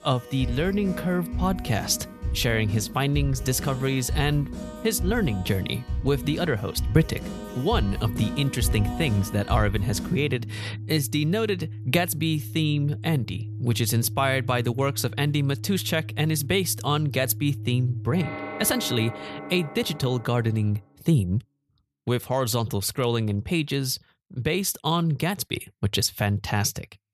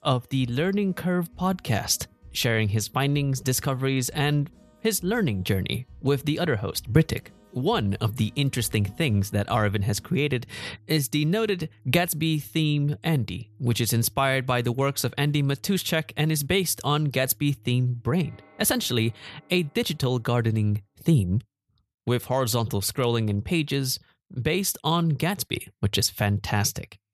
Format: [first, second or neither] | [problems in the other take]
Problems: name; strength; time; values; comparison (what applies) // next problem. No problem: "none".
second | background music; loud; until 20 s; 9 dB below the speech; faint in the second